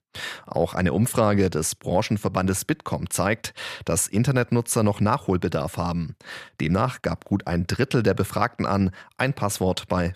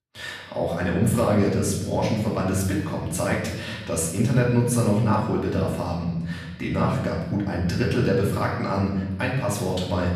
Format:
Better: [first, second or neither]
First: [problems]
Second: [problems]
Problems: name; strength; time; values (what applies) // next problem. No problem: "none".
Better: first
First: none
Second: room echo; noticeable; dies away in 1.3 s // off-mic speech; far